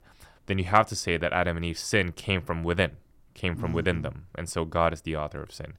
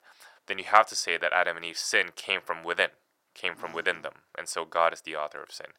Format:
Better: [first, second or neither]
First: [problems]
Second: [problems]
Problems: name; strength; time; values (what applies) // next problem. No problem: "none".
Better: first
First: none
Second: thin; very; fading below 700 Hz